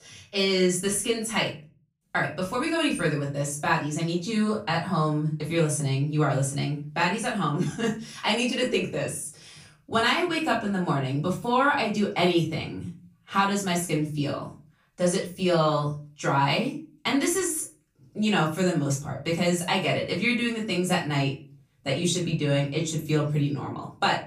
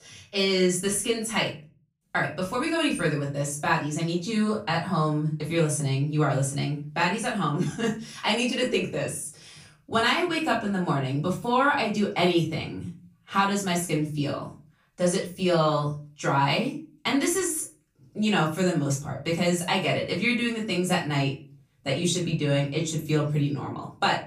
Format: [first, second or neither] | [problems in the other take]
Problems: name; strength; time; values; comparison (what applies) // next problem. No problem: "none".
neither | room echo; slight; dies away in 0.3 s; the same in both // off-mic speech; far; the same in both